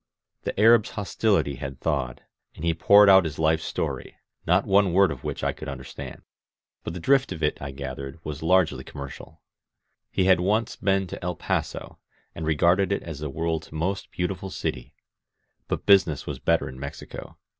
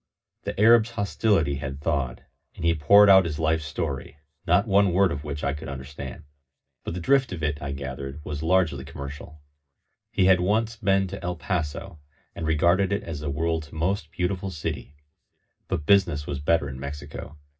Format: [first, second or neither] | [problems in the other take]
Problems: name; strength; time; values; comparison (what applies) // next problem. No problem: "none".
first | room echo; dies away in 0.4 s